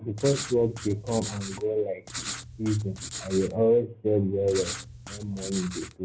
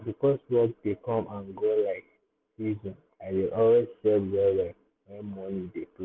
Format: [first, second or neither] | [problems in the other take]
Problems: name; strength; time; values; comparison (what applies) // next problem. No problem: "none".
second | background sound (Writing); 11 dB below the speech // room echo; dies away in 0.4 s